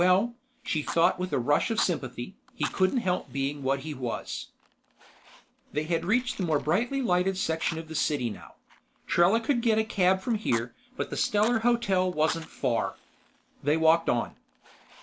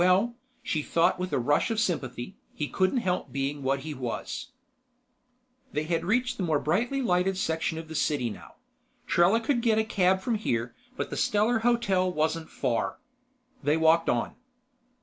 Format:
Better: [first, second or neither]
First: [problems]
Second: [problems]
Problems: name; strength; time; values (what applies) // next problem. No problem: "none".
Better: second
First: background sound (Fire); 18 dB below the speech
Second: none